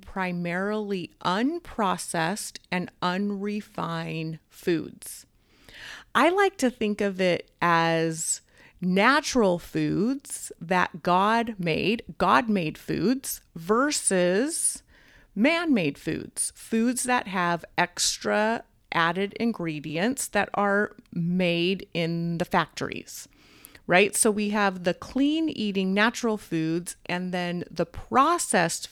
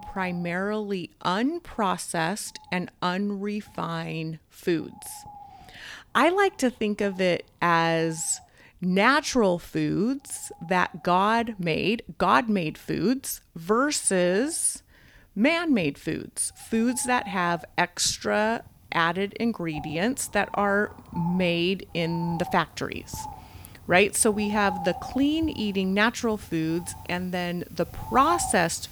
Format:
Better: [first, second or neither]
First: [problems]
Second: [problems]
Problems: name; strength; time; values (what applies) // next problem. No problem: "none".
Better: first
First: none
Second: animal sounds; noticeable; throughout; 15 dB below the speech